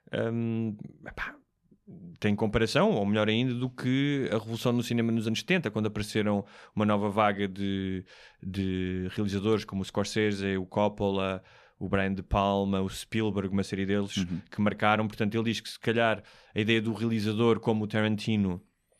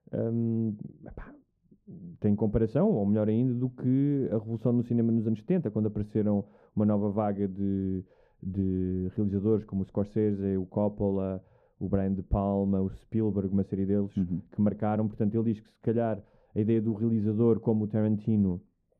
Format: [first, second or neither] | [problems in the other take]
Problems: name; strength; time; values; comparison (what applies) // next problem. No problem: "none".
first | muffled; very; fading above 1 kHz